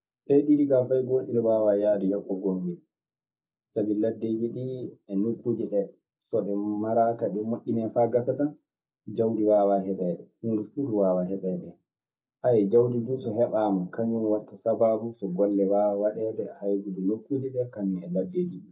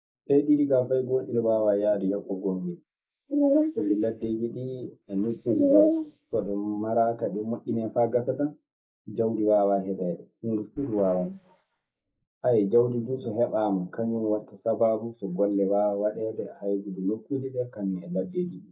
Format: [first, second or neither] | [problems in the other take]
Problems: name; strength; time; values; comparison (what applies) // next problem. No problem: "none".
first | noise reduction (neural mask model Resemble Enhance denoiser)